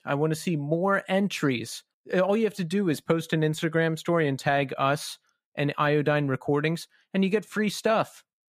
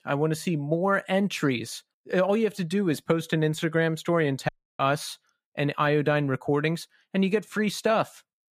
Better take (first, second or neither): first